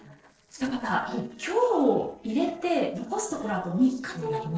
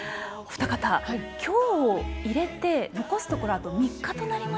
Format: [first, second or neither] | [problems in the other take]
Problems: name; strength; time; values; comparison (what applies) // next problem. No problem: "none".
second | noise reduction (neural separator model SepFormer DNS4)